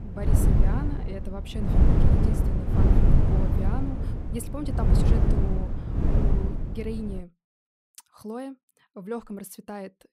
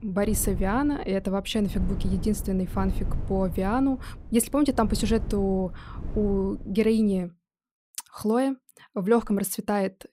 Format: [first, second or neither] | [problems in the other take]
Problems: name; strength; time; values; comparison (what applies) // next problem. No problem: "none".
second | wind noise on the microphone; heavy; until 7 s; 4 dB above the speech; occasional gusts in the second